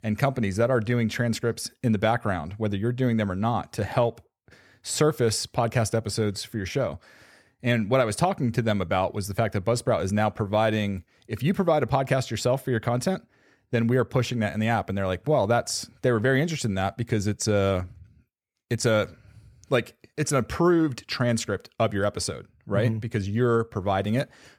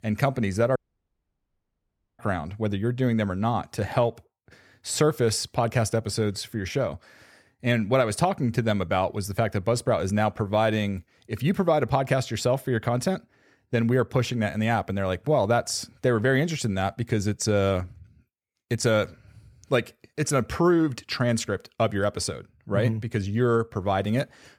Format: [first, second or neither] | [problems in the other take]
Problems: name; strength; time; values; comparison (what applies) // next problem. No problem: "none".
first | audio cutting out; at 1 s for 1.5 s